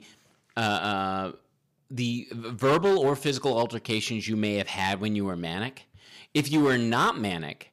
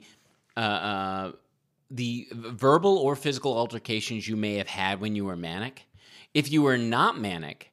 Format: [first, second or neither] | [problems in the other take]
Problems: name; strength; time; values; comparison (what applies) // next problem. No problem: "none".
second | distortion; slight; 4% of the sound clipped